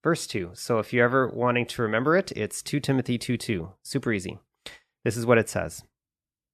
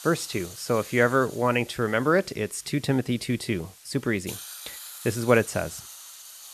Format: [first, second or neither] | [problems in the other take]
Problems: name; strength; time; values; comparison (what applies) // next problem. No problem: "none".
first | hiss; noticeable; throughout; 15 dB below the speech